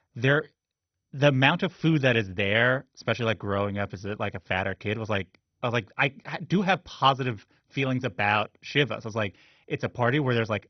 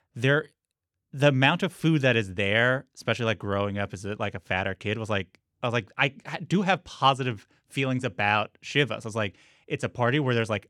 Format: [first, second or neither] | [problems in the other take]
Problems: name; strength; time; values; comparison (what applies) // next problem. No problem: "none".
second | garbled, watery; badly; nothing above 6 kHz